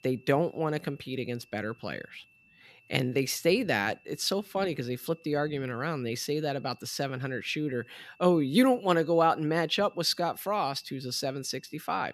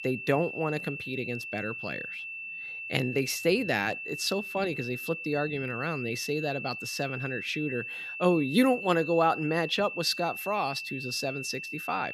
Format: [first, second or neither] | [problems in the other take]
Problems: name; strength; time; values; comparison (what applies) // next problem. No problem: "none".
first | high-pitched whine; loud; throughout; 2.5 kHz, 7 dB below the speech; faint in the first